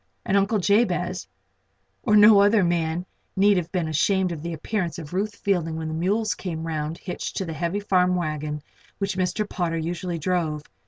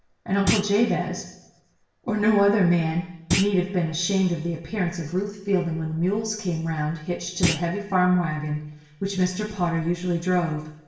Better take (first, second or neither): first